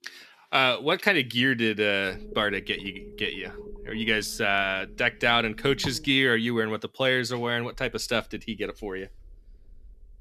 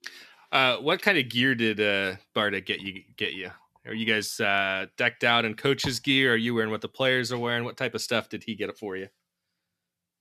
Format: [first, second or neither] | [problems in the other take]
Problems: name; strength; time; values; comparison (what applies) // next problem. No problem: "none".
second | low rumble; faint; from 2 to 6 s and from 7.5 s on; 25 dB below the speech